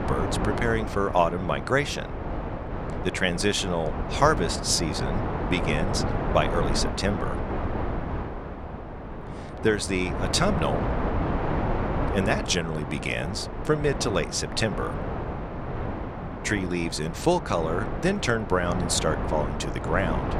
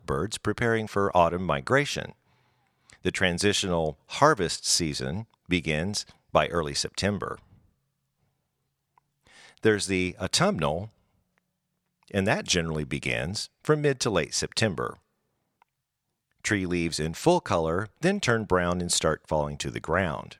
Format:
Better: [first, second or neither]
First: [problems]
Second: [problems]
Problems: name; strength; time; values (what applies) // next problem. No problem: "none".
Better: second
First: wind noise on the microphone; heavy; 6 dB below the speech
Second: none